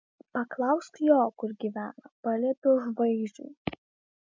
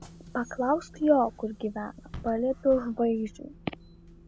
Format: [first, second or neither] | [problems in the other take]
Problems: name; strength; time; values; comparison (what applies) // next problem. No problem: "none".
first | background sound (Bus / Engine); 19 dB below the speech